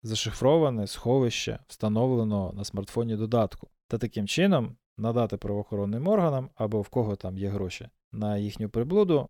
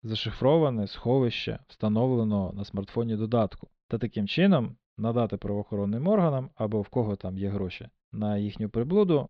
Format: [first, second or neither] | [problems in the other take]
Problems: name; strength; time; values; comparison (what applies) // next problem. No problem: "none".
first | muffled; very slightly; fading above 4 kHz